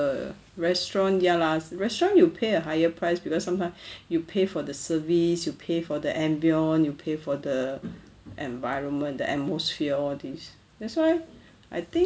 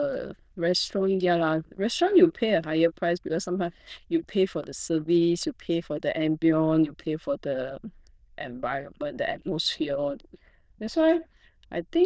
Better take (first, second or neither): first